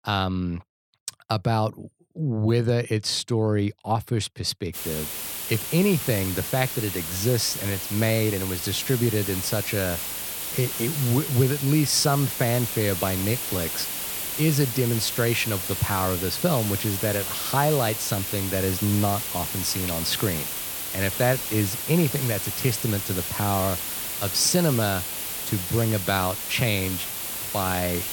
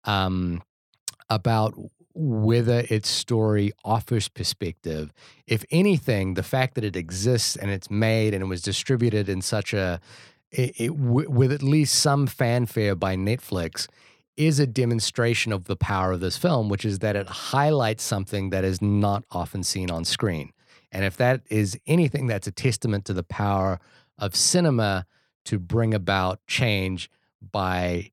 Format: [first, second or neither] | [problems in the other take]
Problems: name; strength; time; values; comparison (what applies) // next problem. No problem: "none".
second | hiss; loud; from 5 s on; 3 dB below the speech